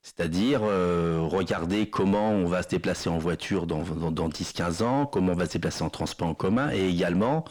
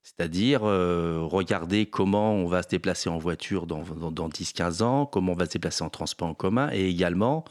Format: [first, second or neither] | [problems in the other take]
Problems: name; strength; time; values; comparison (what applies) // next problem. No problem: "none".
second | distortion; heavy; 8 dB below the speech